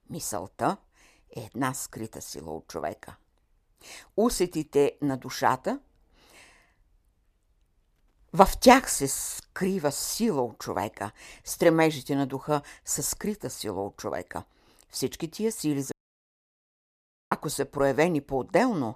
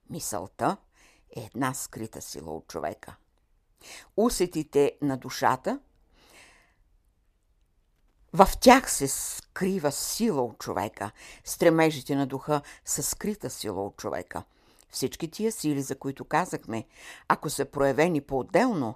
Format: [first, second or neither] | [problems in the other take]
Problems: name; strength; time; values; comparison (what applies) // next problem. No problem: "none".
second | audio cutting out; at 16 s for 1.5 s